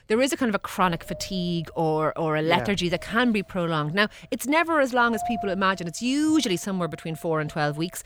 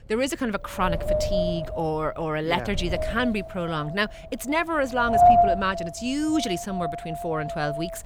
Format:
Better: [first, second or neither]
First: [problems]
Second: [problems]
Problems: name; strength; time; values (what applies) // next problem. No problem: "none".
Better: first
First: wind noise on the microphone; occasional gusts; 15 dB below the speech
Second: wind noise on the microphone; heavy; 4 dB above the speech